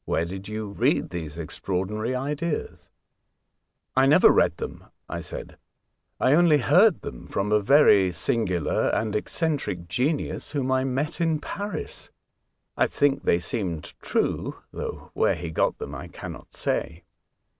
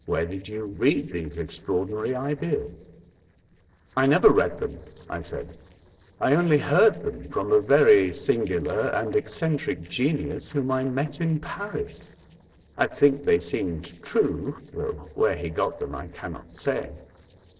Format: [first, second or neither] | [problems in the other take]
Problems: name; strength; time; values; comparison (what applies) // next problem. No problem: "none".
first | noise reduction (neural separator model SepFormer DNS4)